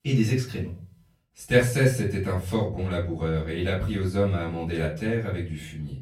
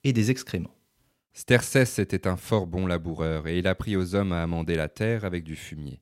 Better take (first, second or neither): second